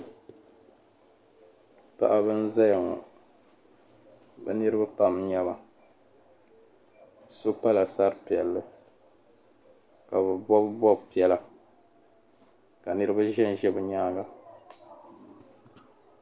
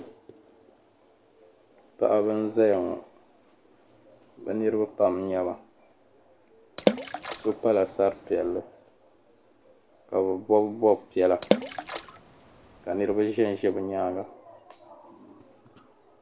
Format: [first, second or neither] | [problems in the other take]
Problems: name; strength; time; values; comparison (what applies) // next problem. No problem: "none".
first | background sound (Water / Splash, splatter); 3 dB below the speech